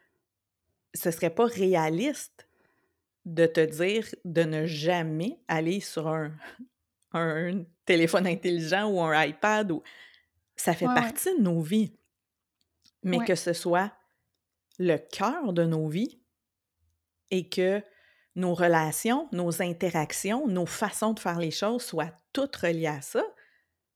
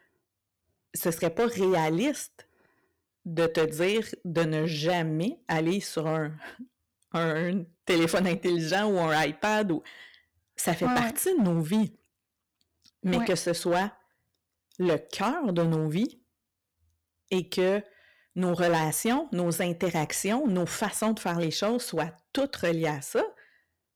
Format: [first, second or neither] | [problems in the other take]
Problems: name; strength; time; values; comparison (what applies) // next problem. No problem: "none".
first | distortion; slight; 7% of the sound clipped